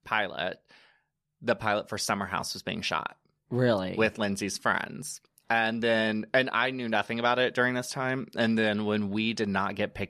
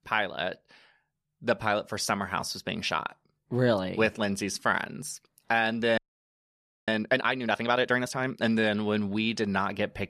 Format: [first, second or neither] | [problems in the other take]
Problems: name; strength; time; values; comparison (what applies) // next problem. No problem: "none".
first | audio freezing; at 6 s for 1 s